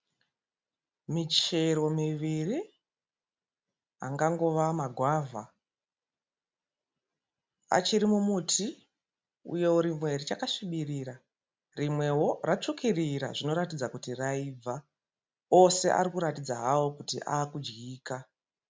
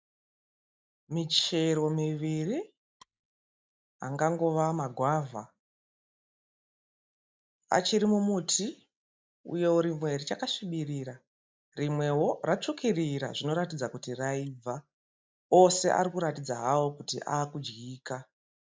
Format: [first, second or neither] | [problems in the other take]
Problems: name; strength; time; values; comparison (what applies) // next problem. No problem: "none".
first | noise reduction (neural mask model DeepFilterNet 3)